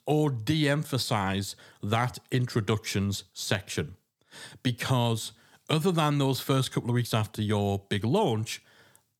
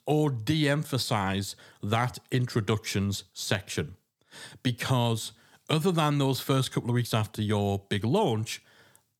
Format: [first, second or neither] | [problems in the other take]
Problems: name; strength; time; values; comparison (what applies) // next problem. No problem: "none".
neither | none